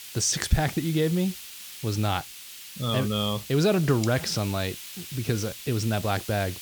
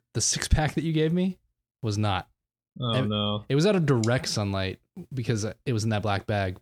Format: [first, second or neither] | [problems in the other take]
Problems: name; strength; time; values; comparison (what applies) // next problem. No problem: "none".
second | hiss; noticeable; throughout; 10 dB below the speech